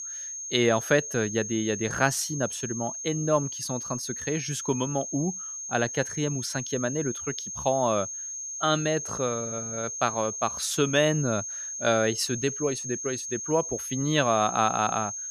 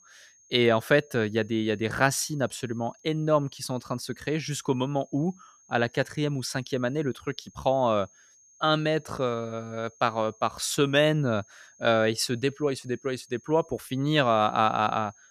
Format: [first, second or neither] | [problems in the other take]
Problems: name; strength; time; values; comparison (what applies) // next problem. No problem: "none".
second | high-pitched whine; loud; throughout; 6.5 kHz, 5 dB below the speech; faint in the second